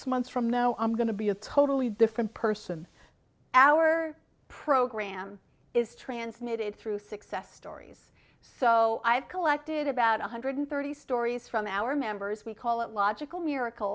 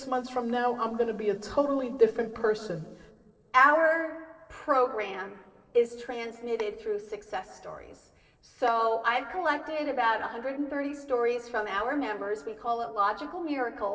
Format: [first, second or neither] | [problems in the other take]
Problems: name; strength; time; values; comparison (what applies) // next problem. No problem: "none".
first | noise reduction (neural separator model SepFormer DNS4)